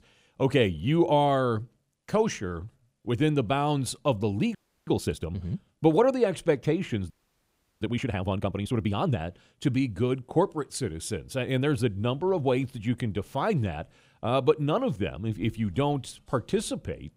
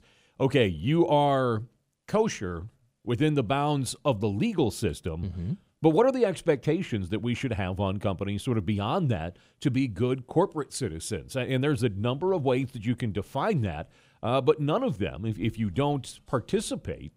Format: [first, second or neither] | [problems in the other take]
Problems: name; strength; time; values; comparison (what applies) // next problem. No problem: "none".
second | audio freezing; at 4.5 s and at 7 s for 0.5 s